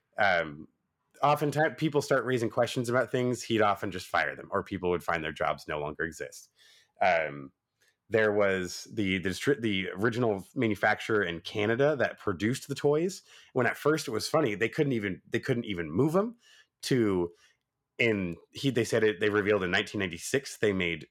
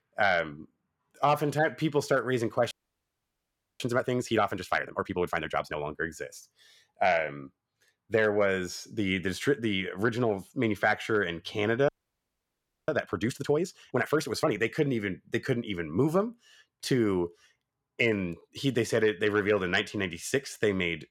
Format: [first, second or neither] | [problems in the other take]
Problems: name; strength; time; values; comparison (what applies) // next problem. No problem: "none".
first | audio freezing; at 2.5 s for 1 s and at 12 s for 1 s